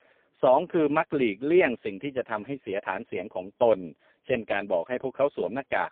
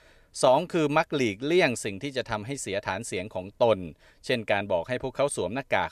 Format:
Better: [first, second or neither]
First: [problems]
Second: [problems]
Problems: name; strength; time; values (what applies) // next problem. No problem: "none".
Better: second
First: phone-call audio; poor line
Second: none